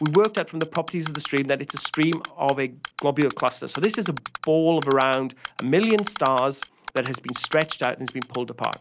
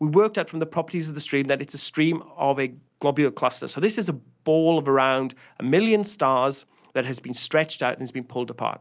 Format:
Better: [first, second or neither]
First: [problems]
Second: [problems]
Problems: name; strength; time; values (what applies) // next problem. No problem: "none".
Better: second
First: background sound (Typing); 13 dB below the speech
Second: none